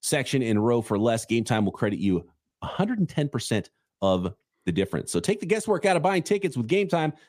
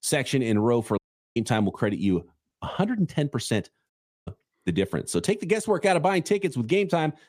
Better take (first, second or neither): first